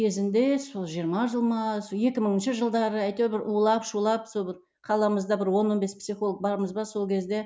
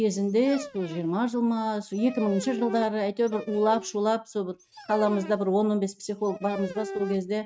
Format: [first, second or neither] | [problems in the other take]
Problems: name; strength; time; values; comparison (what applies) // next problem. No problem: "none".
first | noise reduction (neural mask model RNNoise)